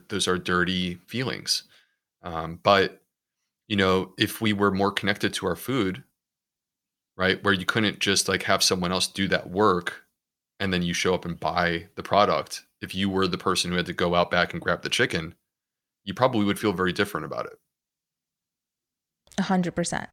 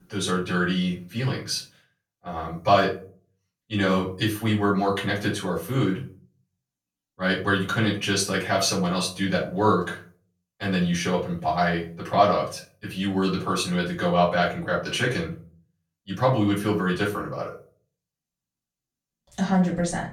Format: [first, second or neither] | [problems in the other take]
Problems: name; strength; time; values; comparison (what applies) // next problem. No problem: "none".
first | off-mic speech; far // room echo; slight; dies away in 0.3 s